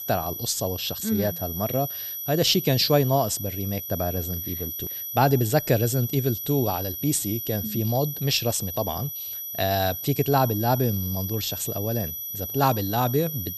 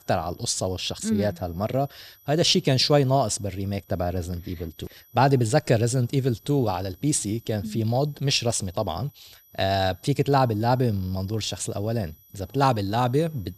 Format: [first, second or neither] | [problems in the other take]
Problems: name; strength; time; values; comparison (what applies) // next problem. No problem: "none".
second | high-pitched whine; loud; throughout; 12 kHz, 6 dB below the speech; faint in the second